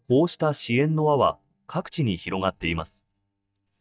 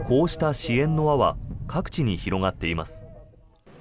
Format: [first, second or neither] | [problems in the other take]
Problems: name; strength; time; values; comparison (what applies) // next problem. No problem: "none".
second | noise reduction (neural mask model DeepFilterNet 3)